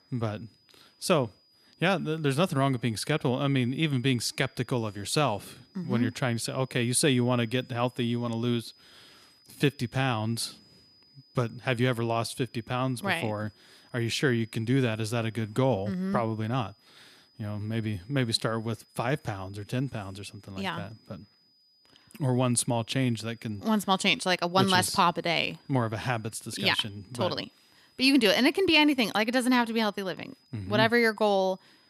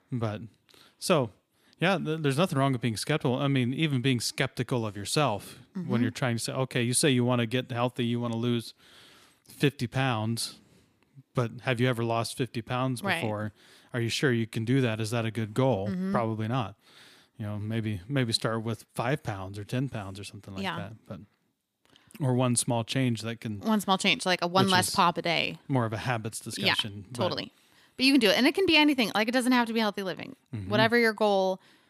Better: second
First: high-pitched whine; faint; throughout; 5 kHz, 30 dB below the speech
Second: none

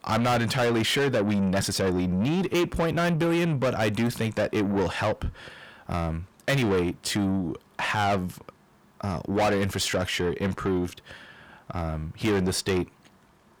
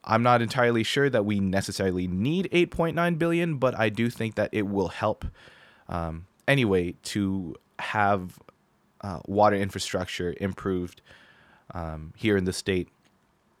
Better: second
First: distortion; heavy; 7 dB below the speech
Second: none

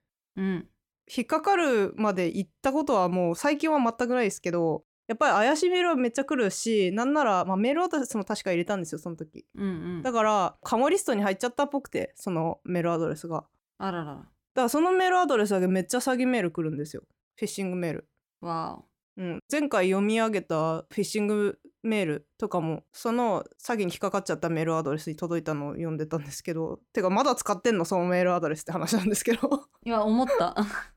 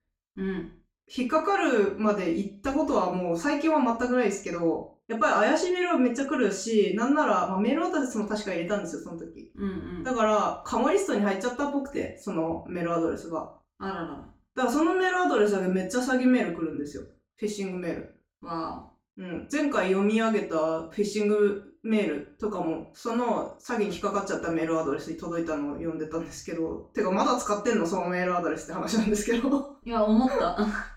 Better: first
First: none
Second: room echo; slight; dies away in 0.3 s // off-mic speech; far

